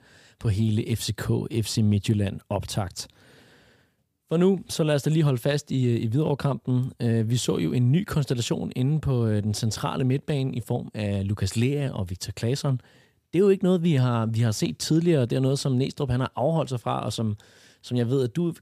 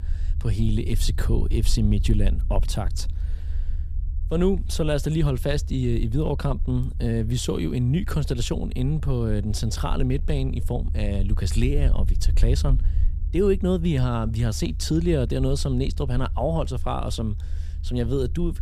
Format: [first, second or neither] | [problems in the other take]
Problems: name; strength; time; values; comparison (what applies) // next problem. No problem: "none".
first | low rumble; noticeable; throughout; 20 dB below the speech